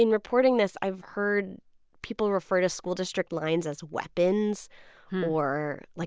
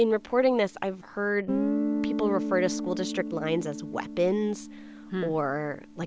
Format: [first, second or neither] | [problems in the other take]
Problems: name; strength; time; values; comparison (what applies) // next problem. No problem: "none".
first | background sound (Guitar); 5 dB below the speech